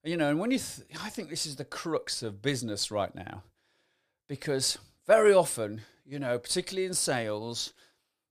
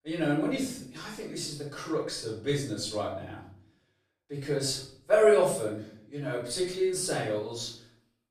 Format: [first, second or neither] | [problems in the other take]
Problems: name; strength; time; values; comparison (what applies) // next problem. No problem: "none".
first | room echo; noticeable; dies away in 0.5 s // off-mic speech; far